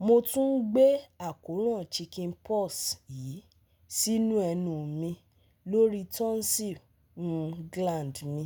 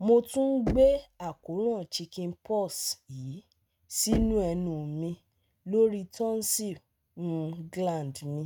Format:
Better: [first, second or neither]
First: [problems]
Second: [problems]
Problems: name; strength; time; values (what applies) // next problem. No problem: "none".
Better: first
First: none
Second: noise reduction (neural mask model RNNoise)